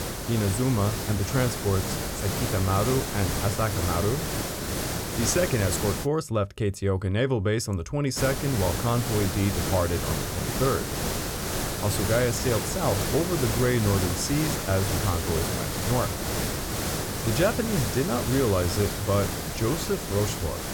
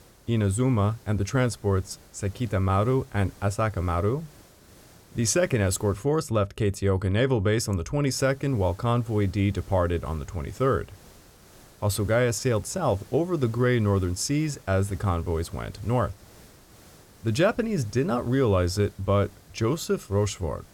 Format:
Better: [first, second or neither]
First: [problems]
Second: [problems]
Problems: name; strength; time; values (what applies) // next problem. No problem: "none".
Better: second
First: hiss; loud; until 6 s and from 8 s on; 2 dB below the speech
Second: hiss; faint; until 6 s and from 8 s on; 25 dB below the speech